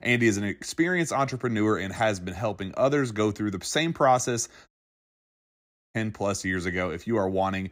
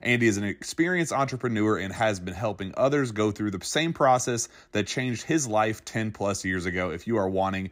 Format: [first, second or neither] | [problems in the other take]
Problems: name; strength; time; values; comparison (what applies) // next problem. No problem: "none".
second | audio cutting out; at 4.5 s for 1.5 s